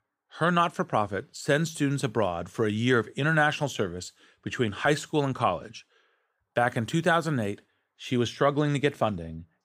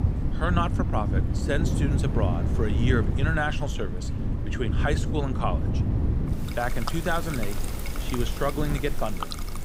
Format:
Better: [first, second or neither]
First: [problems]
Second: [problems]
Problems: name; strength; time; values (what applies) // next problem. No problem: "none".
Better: first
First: none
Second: rain or running water; very loud; throughout; 3 dB above the speech